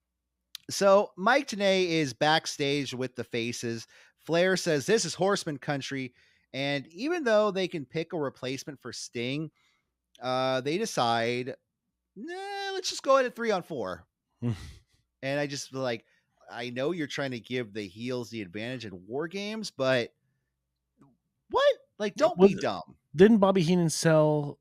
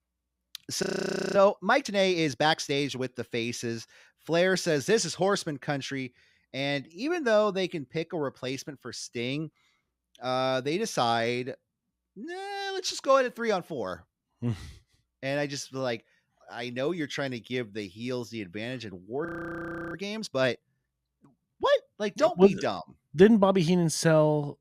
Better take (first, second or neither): first